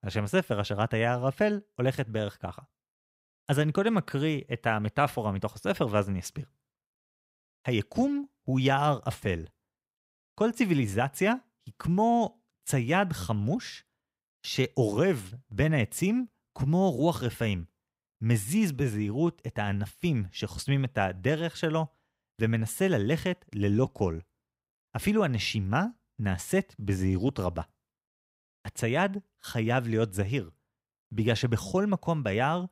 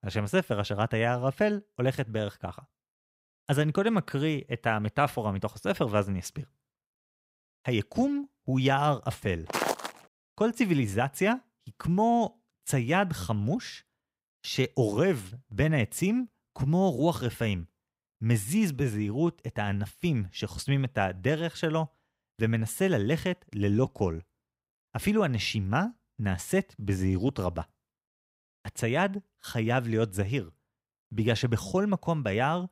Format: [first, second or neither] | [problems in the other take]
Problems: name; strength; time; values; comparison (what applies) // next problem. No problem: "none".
first | footsteps; noticeable; at 9.5 s; peak 1 dB below the speech